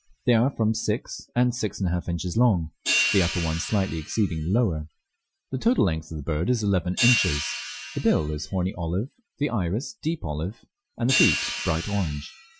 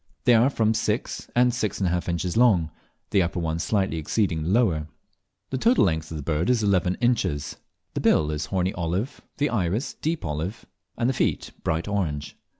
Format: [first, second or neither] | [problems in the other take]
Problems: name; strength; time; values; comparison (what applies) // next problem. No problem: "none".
second | noise reduction (classical method Wiener filter)